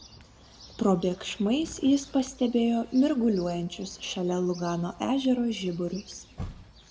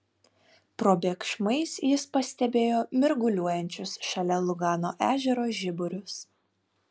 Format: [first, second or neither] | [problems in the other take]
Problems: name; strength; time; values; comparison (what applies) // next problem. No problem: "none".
second | background sound (Chirp, tweet); 20 dB below the speech // room echo; dies away in 0.7 s